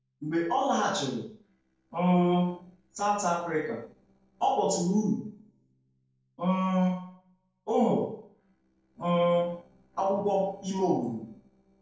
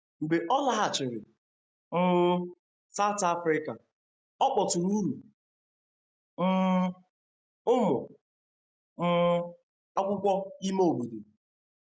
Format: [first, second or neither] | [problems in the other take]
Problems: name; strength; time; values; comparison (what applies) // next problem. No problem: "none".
second | noise reduction (neural separator model SepFormer DNS4)